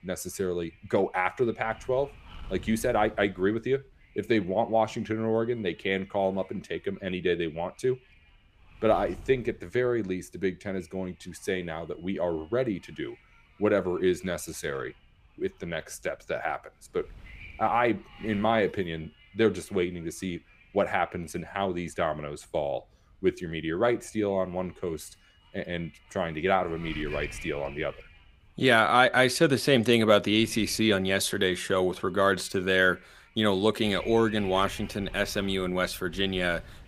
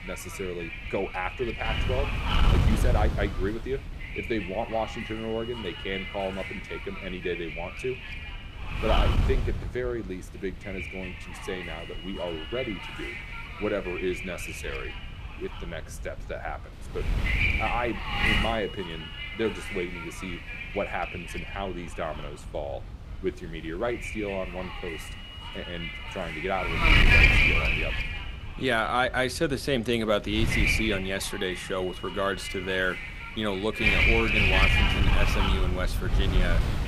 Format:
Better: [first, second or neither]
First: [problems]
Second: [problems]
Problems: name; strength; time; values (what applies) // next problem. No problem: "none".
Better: first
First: wind noise on the microphone; occasional gusts; 20 dB below the speech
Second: wind noise on the microphone; heavy; 3 dB above the speech